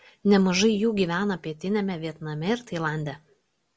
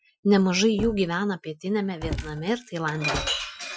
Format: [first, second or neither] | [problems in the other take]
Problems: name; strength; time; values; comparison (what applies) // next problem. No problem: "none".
first | noise reduction (classical method Wiener filter)